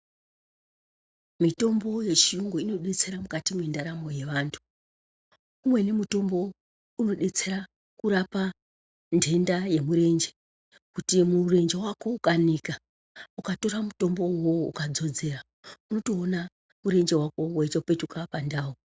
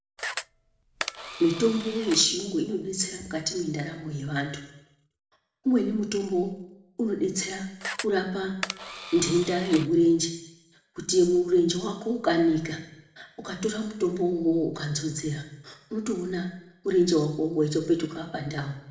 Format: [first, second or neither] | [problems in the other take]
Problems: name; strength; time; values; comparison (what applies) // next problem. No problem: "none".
first | background sound (Camera); 10 dB below the speech // room echo; dies away in 0.8 s